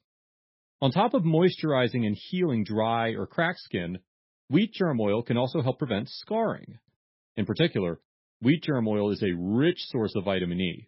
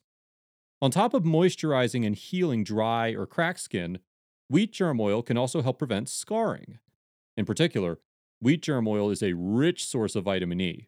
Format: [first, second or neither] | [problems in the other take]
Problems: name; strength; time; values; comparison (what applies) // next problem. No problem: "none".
second | garbled, watery; badly; nothing above 5.5 kHz